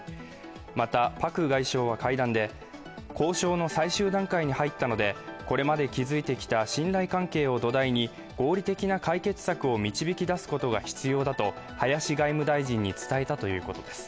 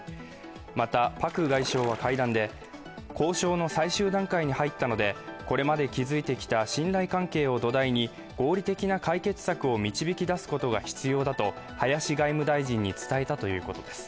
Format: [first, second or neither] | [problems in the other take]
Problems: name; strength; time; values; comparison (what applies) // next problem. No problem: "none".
first | background sound (Splash, splatter); 15 dB below the speech